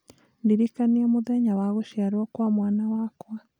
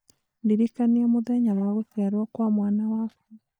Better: first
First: none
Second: noise reduction (neural mask model DeepFilterNet 3)

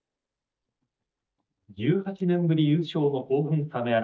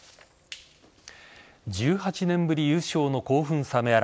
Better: second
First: noise reduction (neural mask model DeepFilterNet 3)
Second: none

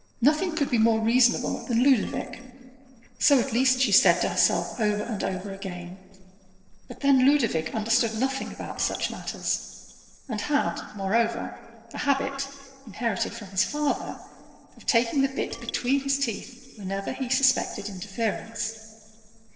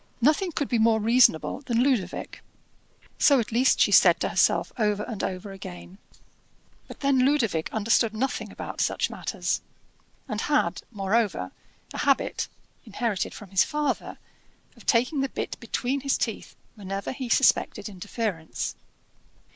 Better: second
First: noise reduction (neural separator model SepFormer DNS4)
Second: none

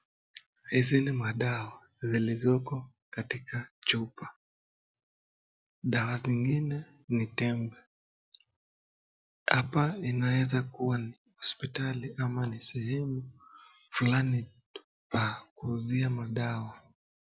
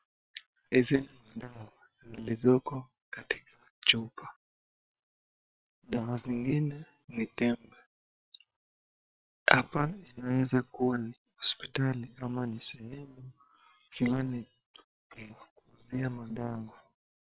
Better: first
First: none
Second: noise reduction (neural separator model SepFormer WHAM!)

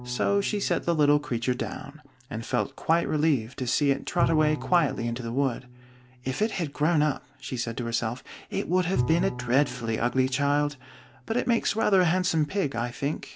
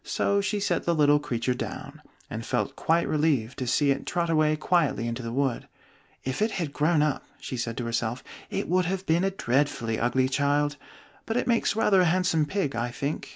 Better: second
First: background sound (Bowed string instrument); 12 dB below the speech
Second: none

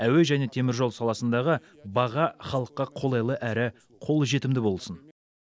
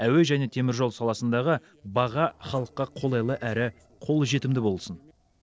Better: first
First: none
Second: noise reduction (neural separator model SepFormer DNS4)

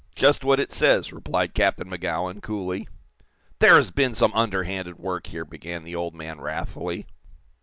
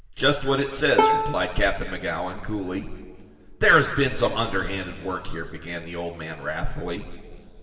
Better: first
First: none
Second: background sound (Bowed string instrument); 2 dB below the speech // room echo; dies away in 2.8 s

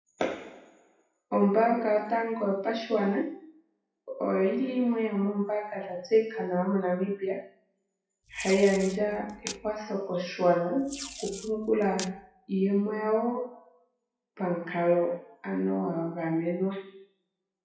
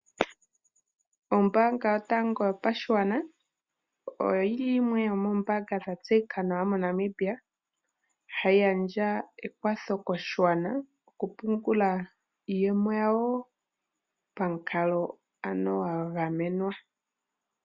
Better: second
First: noise reduction (classical method WPE with log-MMSE)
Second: none

